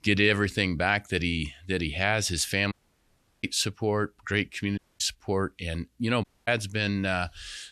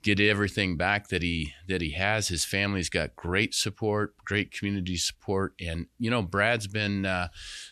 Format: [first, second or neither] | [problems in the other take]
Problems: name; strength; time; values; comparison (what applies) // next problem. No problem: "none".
second | audio cutting out; at 2.5 s for 0.5 s, at 5 s and at 6 s